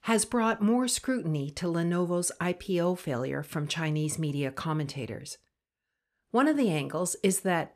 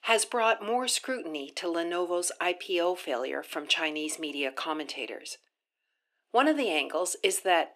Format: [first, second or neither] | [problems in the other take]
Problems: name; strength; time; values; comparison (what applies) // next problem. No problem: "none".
first | thin; very; fading below 300 Hz